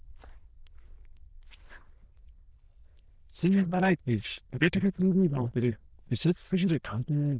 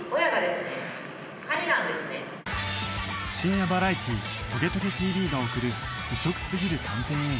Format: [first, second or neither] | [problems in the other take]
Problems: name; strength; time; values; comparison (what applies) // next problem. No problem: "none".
second | noise reduction (neural diffusion model UNIVERSE++)